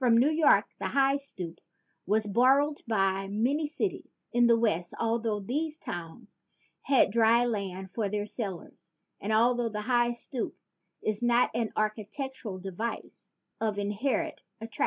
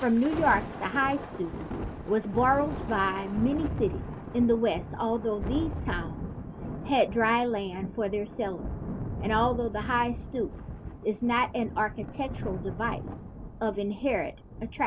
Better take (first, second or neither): first